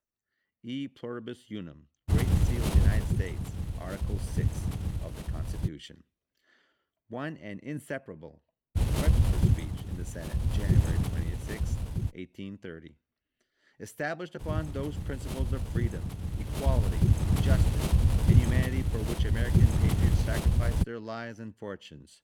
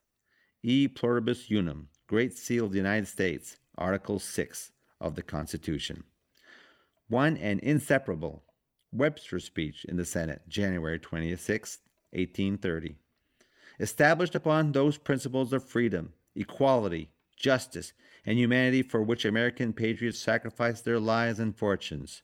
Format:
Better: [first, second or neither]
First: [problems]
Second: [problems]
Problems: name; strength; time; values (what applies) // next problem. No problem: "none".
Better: second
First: wind noise on the microphone; heavy; from 2 to 5.5 s, from 9 to 12 s and from 14 to 21 s; 1 dB above the speech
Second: none